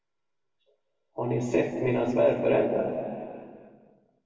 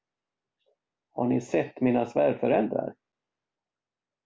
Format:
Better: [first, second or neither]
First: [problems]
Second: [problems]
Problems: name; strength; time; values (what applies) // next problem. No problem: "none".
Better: second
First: room echo; dies away in 2.3 s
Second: none